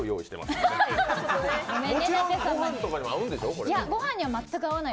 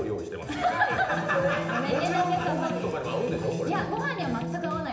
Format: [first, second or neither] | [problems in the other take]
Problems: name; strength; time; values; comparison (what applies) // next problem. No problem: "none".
first | background sound (Electric guitar); 7 dB below the speech // room echo; dies away in 0.8 s